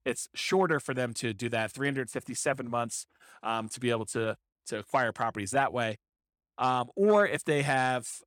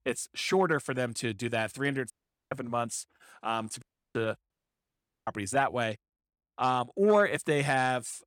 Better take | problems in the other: first | audio cutting out; at 2 s, at 4 s and at 4.5 s for 1 s

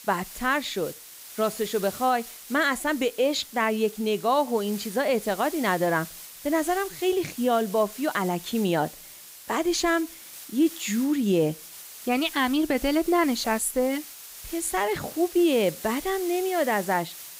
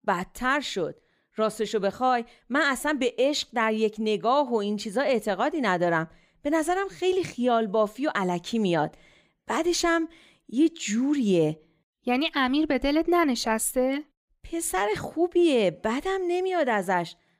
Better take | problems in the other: second | hiss; noticeable; throughout; 15 dB below the speech

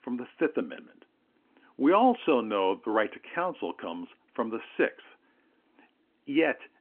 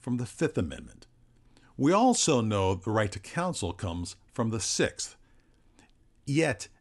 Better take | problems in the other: second | phone-call audio

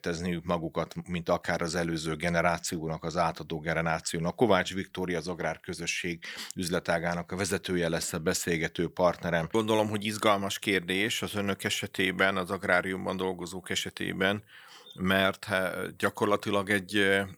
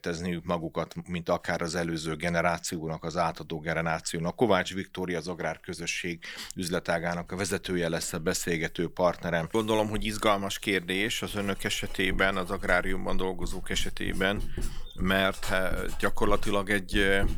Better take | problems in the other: first | household noises; noticeable; throughout; 15 dB below the speech

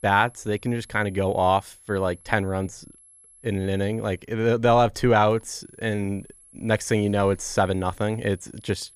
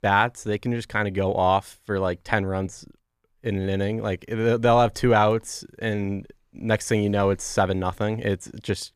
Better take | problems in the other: second | high-pitched whine; faint; until 4 s and from 5.5 s on; 11 kHz, 25 dB below the speech

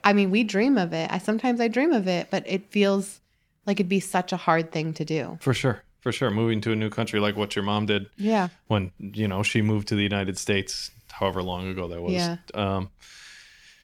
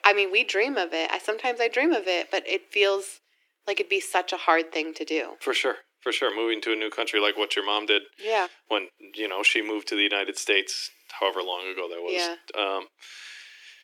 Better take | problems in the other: first | thin; very; fading below 300 Hz

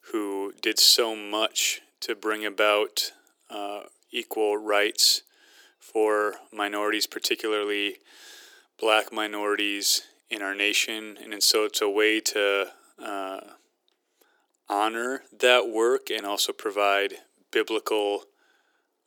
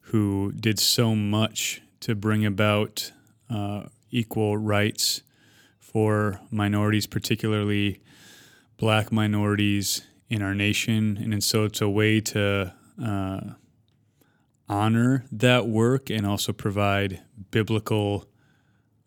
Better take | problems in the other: second | thin; very; fading below 350 Hz

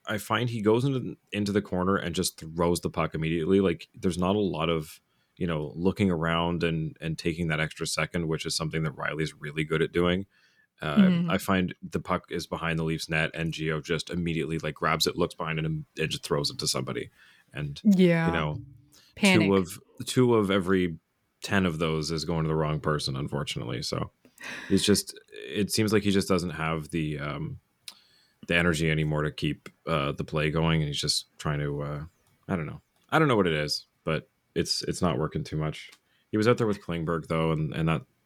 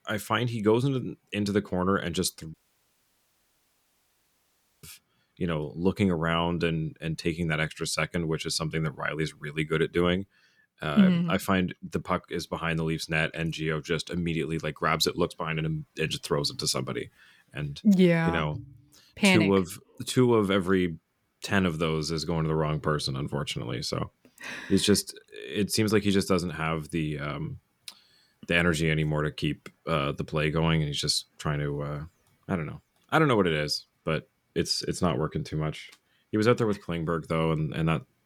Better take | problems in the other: first | audio cutting out; at 2.5 s for 2.5 s

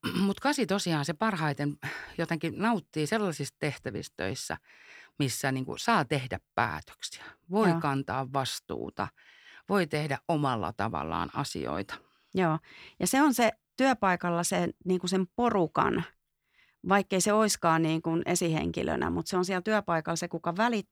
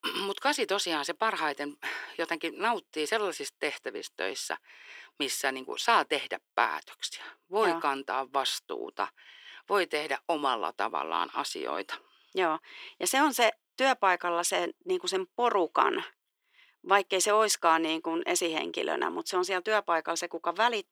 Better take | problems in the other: first | thin; somewhat; fading below 350 Hz

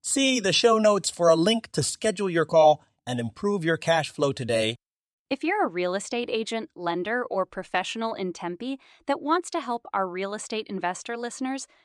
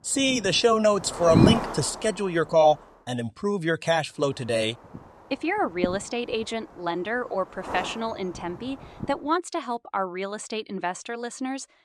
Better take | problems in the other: first | wind noise on the microphone; heavy; until 3 s and from 4 to 9 s; 7 dB below the speech

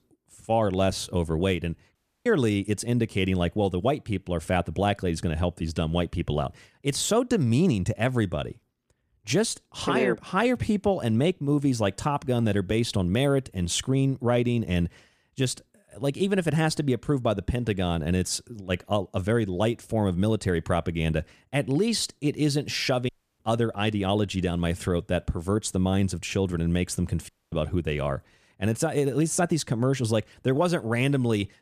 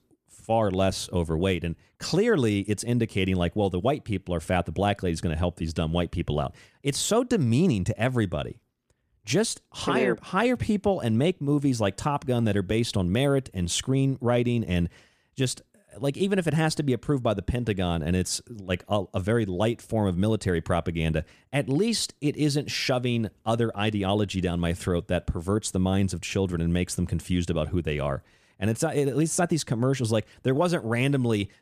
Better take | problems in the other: second | audio cutting out; at 2 s, at 23 s and at 27 s

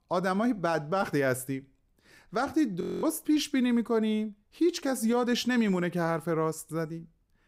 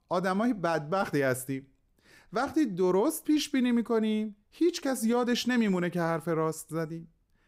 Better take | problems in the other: second | audio freezing; at 3 s

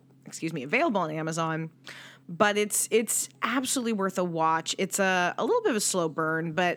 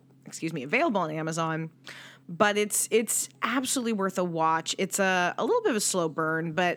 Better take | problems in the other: neither | none

